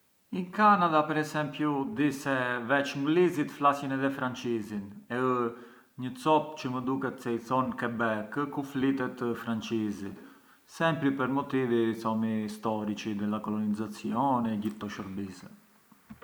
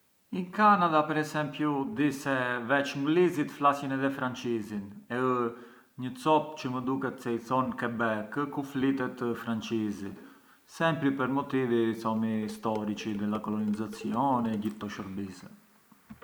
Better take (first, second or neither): first